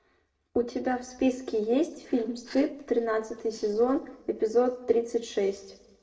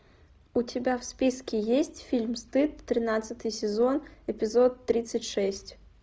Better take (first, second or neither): second